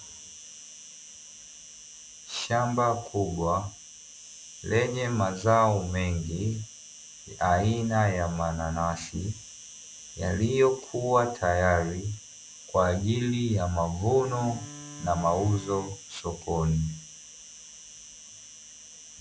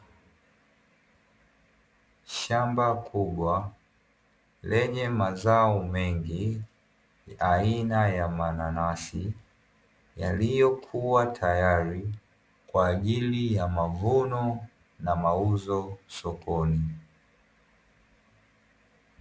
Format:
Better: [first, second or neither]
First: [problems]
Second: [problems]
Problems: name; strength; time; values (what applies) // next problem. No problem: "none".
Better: second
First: background sound (Wind instrument, woodwind instrument + Insect); 17 dB below the speech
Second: none